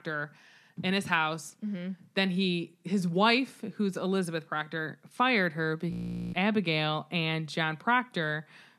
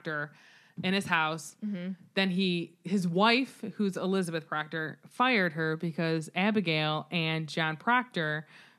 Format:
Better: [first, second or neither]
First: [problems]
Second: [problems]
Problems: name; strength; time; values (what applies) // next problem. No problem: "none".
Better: second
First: audio freezing; at 6 s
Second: none